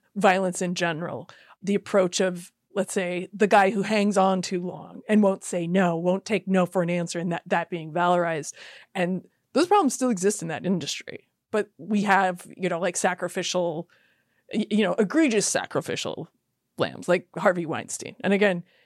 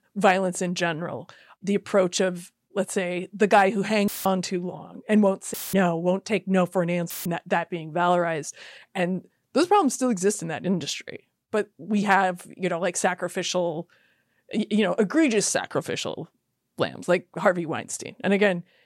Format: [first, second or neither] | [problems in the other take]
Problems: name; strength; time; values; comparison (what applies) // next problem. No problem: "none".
first | audio cutting out; filled with static; at 4 s, at 5.5 s and at 7 s